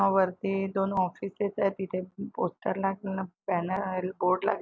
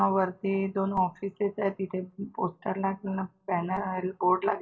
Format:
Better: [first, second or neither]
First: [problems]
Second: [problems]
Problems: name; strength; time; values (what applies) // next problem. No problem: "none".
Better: first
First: none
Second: room echo; dies away in 0.2 s